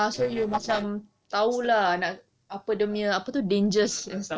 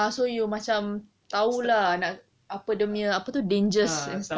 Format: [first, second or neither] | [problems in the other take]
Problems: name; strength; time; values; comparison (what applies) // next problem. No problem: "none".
second | noise reduction (neural separator model SepFormer DNS4)